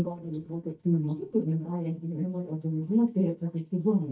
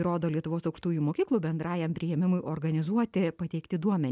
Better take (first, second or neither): second